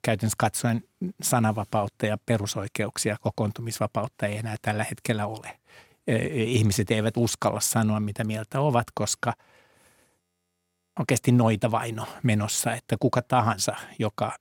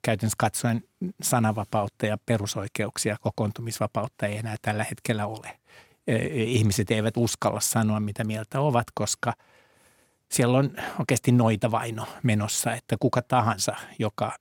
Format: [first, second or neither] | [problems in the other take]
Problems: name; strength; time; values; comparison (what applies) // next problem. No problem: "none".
second | audio freezing; at 10 s for 1 s